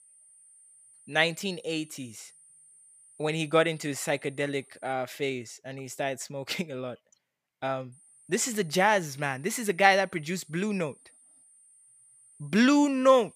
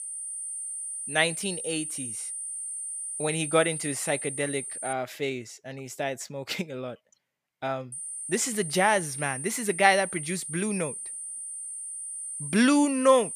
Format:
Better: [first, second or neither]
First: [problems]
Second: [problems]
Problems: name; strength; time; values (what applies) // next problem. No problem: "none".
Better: first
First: high-pitched whine; faint; until 5 s and from 8 s on; 9 kHz, 25 dB below the speech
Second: high-pitched whine; loud; until 5 s and from 8 s on; 9 kHz, 6 dB below the speech